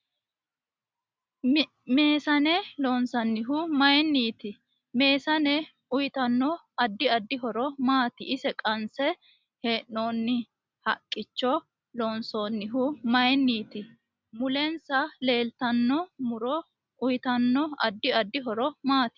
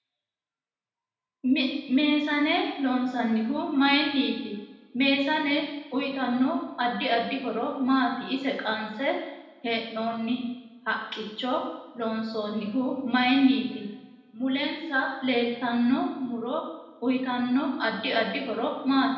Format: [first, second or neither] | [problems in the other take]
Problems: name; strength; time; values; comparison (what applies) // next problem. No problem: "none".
first | room echo; dies away in 0.9 s